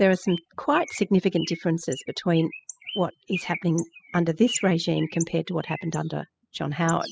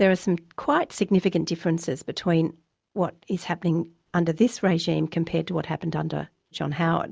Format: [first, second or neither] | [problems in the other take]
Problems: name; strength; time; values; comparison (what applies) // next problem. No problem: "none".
second | noise reduction (classical method spectral subtraction)